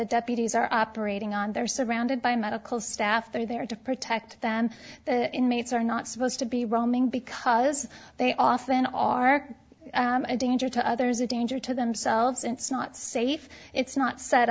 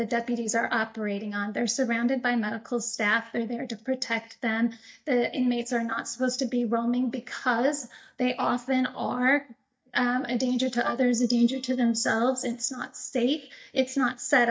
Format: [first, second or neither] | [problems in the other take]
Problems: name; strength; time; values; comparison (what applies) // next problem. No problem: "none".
first | noise reduction (neural mask model DeepFilterNet 3)